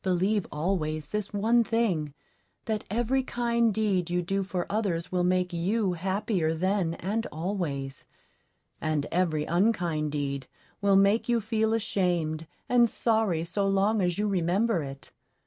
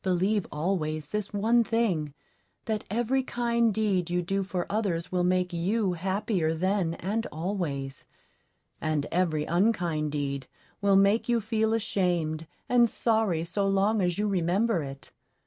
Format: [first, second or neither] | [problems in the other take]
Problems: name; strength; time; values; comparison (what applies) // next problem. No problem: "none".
second | background sound (Bass drum); 13 dB below the speech